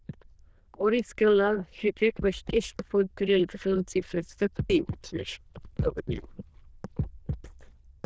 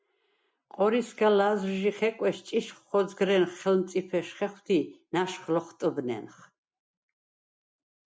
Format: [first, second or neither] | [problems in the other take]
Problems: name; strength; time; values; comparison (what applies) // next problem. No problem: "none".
second | noise reduction (neural diffusion model UNIVERSE++)